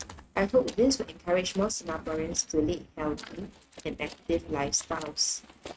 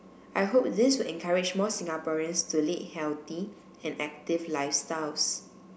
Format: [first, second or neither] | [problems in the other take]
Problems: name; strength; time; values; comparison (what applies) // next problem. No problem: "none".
second | noise reduction (neural mask model RNNoise)